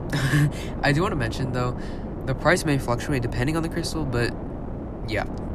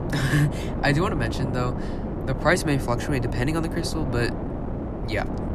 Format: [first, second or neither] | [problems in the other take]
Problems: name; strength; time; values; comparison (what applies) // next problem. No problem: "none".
first | wind noise on the microphone; heavy; 7 dB below the speech; occasional gusts in the first